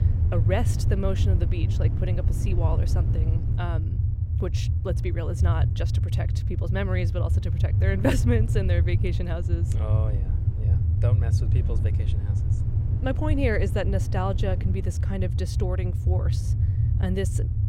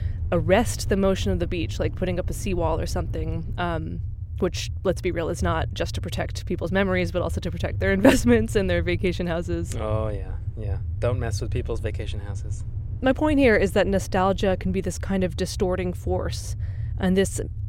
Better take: second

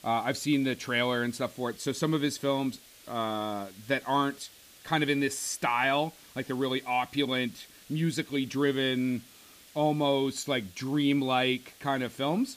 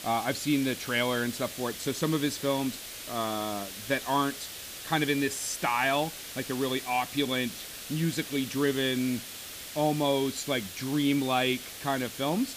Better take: first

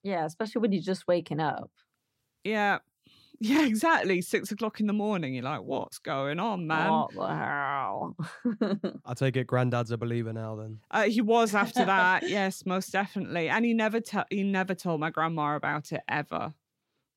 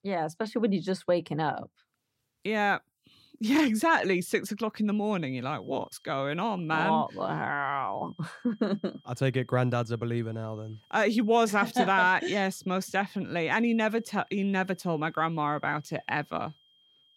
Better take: first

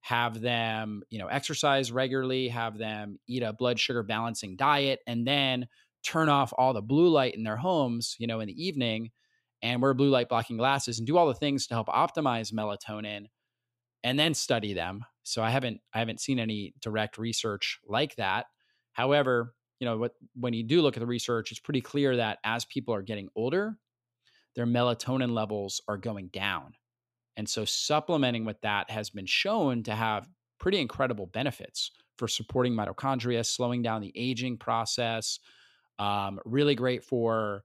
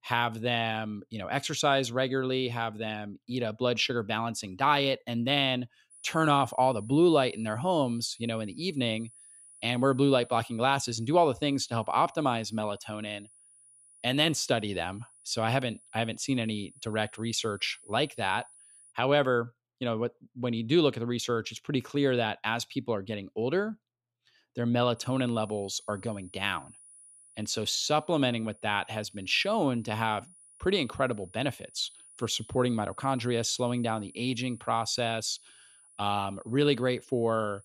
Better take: first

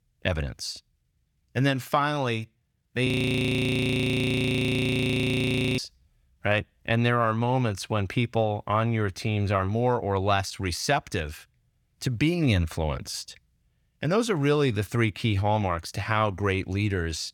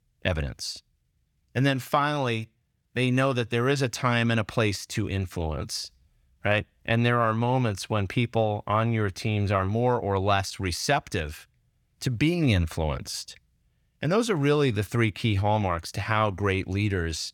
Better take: second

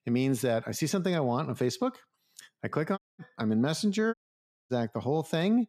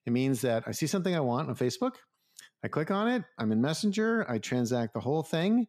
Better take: second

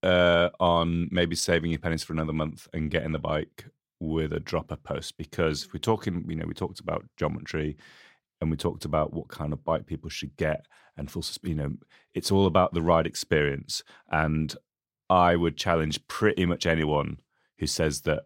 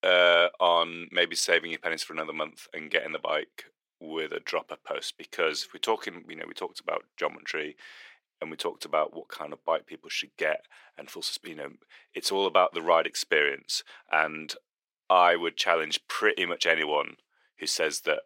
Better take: first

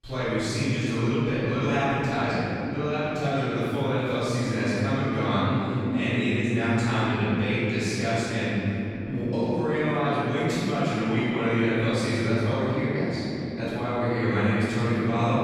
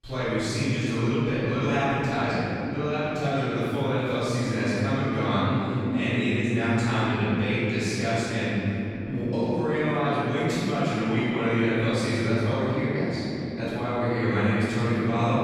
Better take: neither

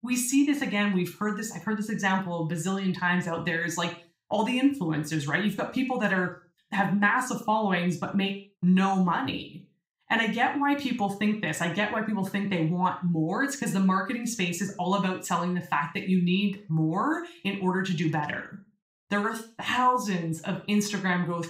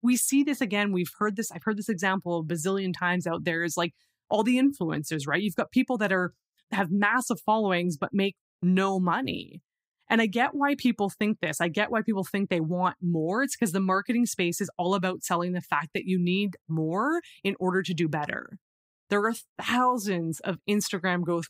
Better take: second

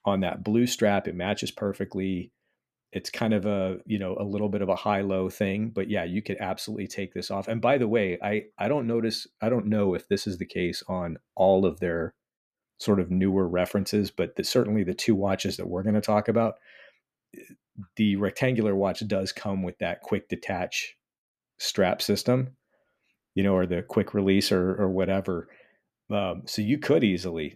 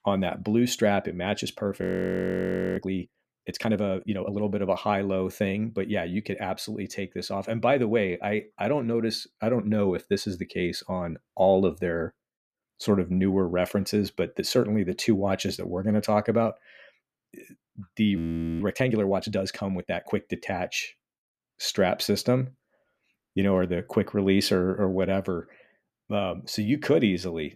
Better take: first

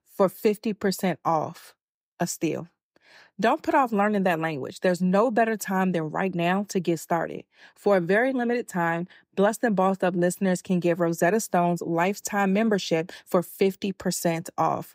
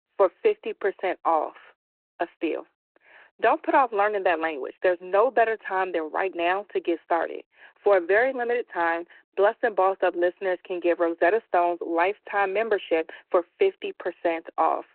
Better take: first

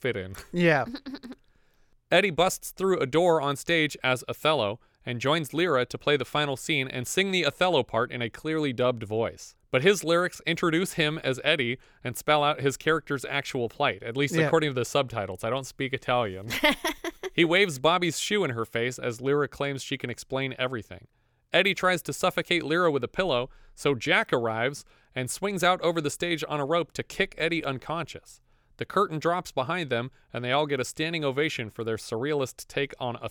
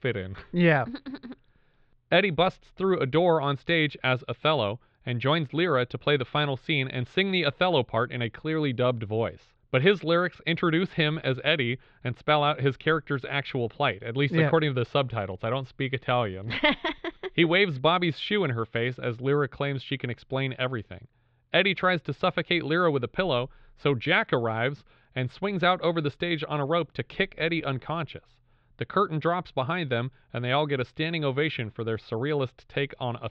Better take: first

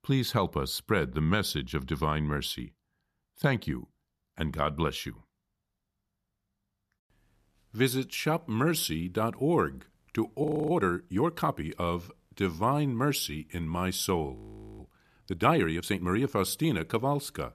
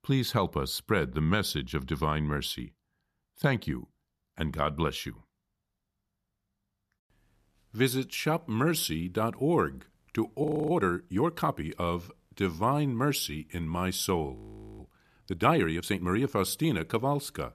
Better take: neither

